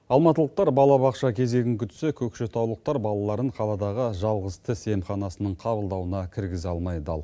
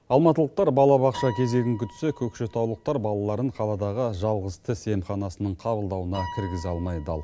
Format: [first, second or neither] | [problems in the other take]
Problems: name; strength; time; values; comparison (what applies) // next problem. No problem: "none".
first | background sound (Piano); 19 dB below the speech